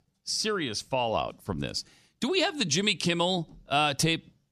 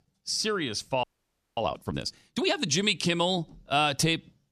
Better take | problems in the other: first | audio freezing; at 1 s for 0.5 s

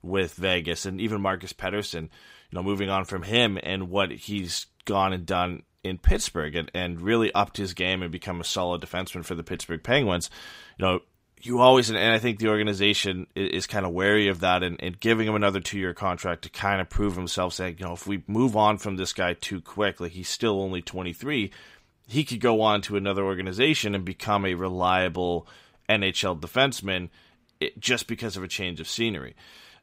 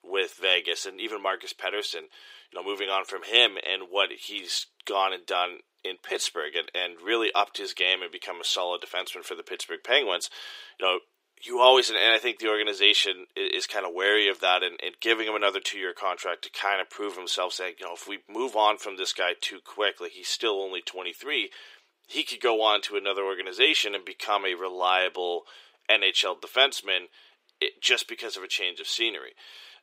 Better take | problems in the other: first | thin; very; fading below 350 Hz

